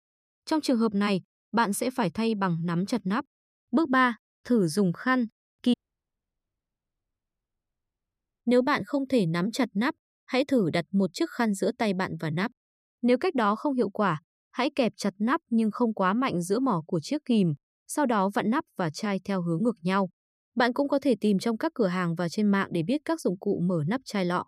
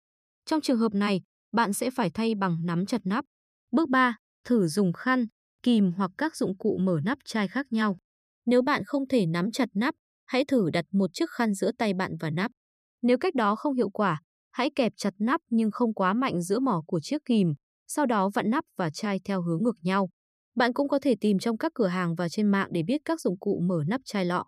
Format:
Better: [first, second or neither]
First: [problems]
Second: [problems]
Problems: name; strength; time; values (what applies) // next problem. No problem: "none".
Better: second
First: audio cutting out; at 5.5 s for 2.5 s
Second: none